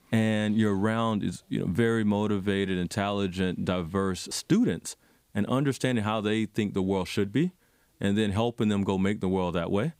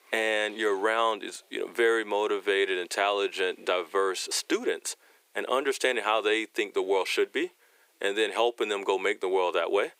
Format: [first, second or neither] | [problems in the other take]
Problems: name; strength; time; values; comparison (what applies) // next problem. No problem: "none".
first | thin; very; fading below 350 Hz